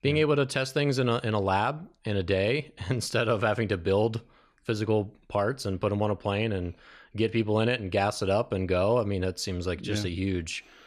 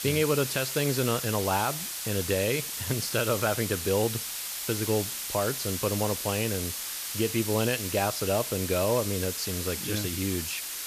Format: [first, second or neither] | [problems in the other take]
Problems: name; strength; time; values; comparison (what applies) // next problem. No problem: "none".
first | hiss; loud; throughout; 3 dB below the speech